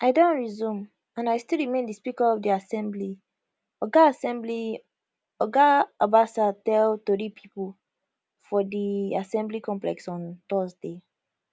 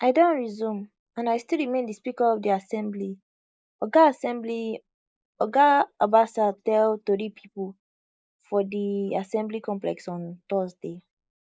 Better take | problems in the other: first | noise reduction (neural mask model Resemble Enhance denoiser)

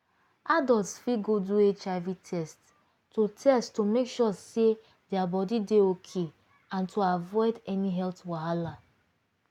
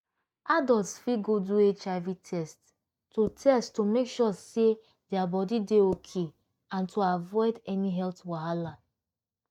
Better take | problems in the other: first | noise reduction (neural mask model DeepFilterNet 3)

